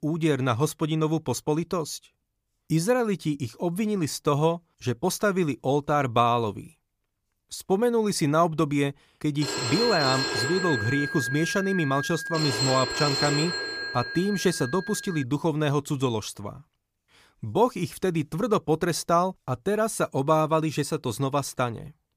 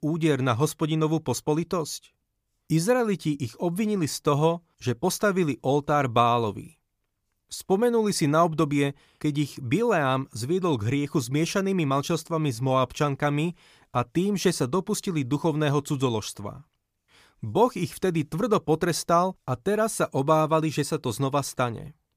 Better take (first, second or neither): second